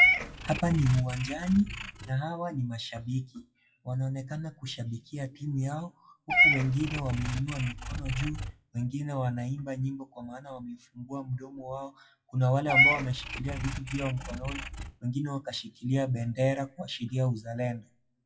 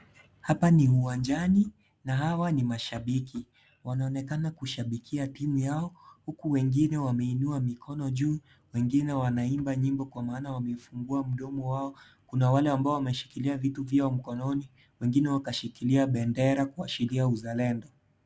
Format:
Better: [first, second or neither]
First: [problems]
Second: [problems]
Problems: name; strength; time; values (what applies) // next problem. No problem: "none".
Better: second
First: noise reduction (classical method WPE with log-MMSE)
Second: none